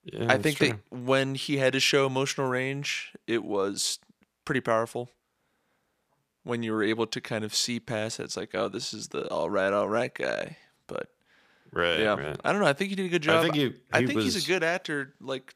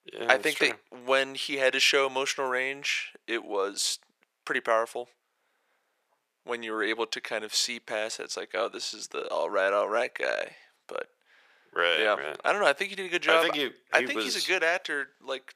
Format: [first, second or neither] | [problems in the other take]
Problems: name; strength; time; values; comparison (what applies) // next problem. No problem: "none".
first | thin; somewhat; fading below 500 Hz